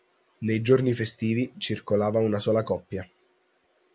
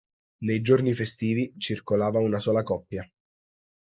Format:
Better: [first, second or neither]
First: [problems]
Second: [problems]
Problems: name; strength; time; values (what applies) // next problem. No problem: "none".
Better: first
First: none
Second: noise reduction (neural mask model Resemble Enhance denoiser)